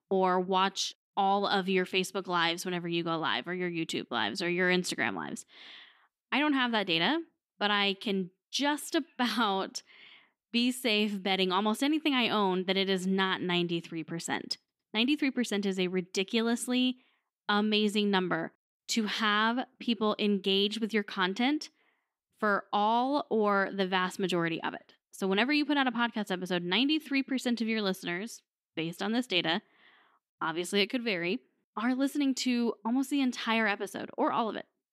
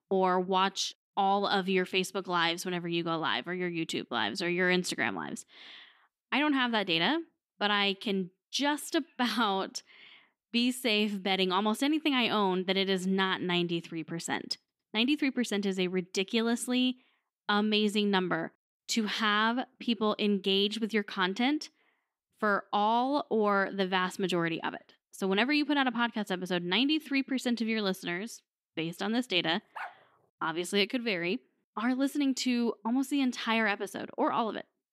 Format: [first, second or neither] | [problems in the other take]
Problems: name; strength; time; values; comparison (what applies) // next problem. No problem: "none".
first | dog barking; faint; at 30 s; peak 15 dB below the speech